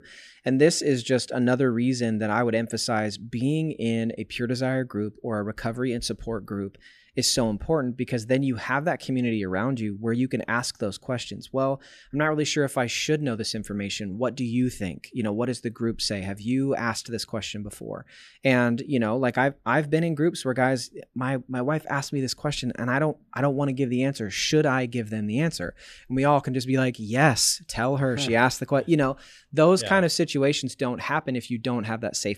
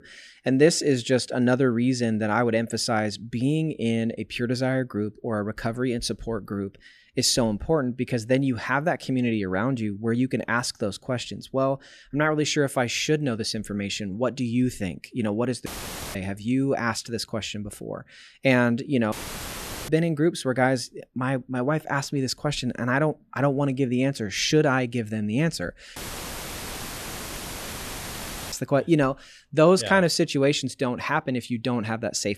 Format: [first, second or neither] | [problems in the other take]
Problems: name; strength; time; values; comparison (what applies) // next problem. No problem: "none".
first | audio cutting out; filled with static; at 16 s, at 19 s for 1 s and at 26 s for 2.5 s